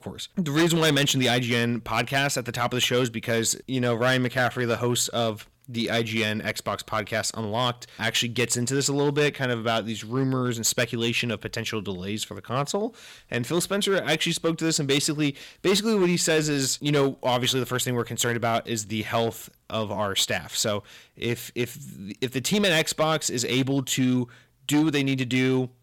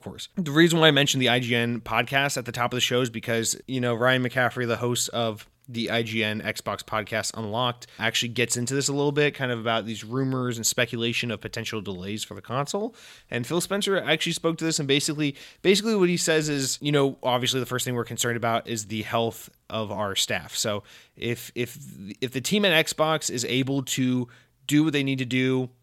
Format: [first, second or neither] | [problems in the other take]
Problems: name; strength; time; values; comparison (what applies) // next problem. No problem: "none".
second | distortion; slight; 5% of the sound clipped